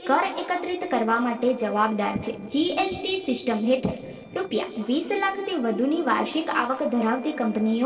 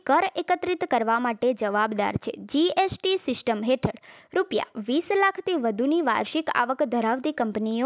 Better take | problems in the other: second | noise reduction (neural separator model SepFormer DNS4)

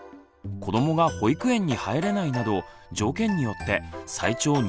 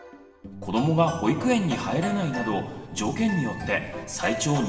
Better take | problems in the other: first | room echo; dies away in 2.9 s

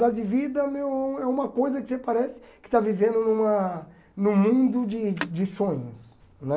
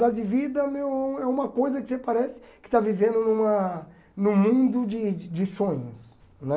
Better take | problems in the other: second | background sound (Telephone); 15 dB below the speech

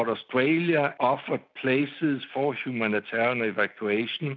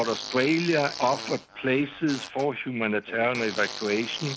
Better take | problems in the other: first | background sound (Fart); 13 dB below the speech

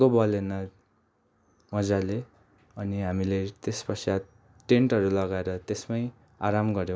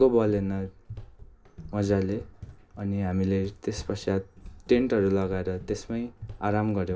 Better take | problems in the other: first | background sound (Run); 17 dB below the speech // room echo; dies away in 0.3 s

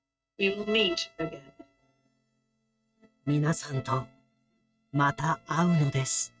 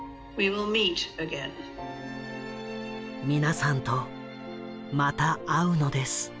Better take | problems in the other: second | noise reduction (neural mask model RNNoise)

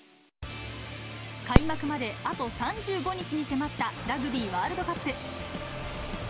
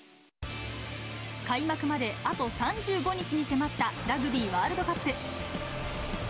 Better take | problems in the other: second | background sound (Fireworks); 2 dB above the speech

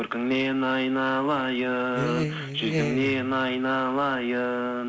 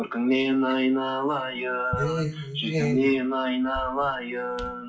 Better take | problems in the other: first | noise reduction (classical method WPE with log-MMSE)

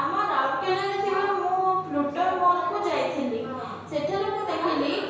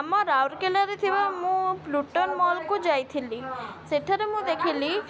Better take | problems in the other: second | room echo; dies away in 1 s

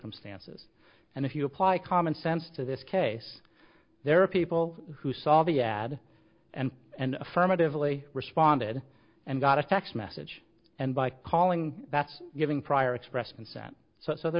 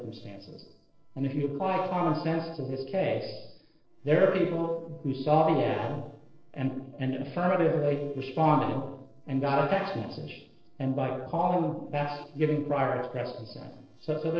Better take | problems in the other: first | noise reduction (neural separator model SepFormer DNS4)

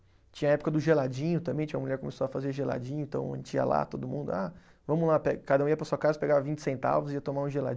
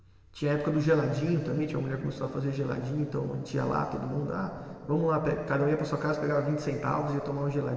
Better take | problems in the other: first | room echo; dies away in 2.8 s

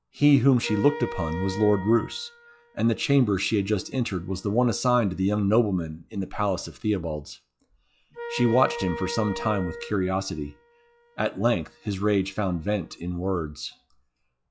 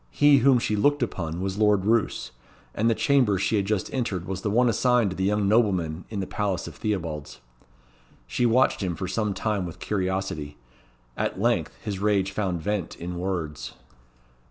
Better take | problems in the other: second | noise reduction (classical method log-MMSE)

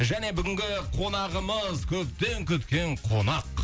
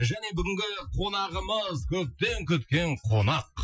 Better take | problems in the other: first | noise reduction (classical method Wiener filter)

